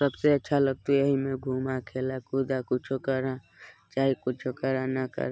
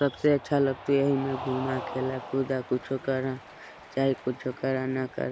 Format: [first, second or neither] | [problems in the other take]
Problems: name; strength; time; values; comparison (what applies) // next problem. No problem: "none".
first | background sound (Cheering); 14 dB below the speech